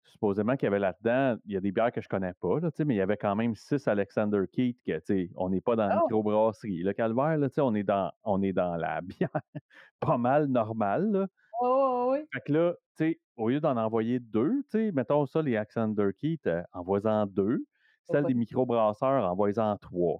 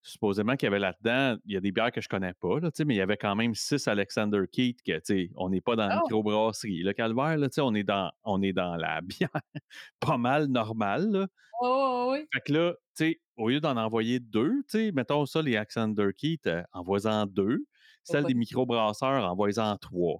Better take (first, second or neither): second